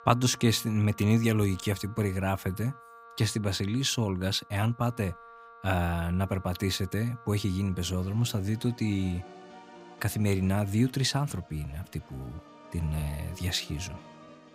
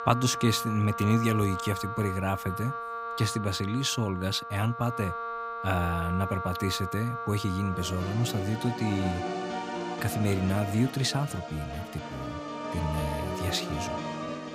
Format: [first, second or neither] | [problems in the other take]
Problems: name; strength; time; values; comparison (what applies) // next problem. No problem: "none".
first | background music; loud; throughout; 6 dB below the speech; faint in the first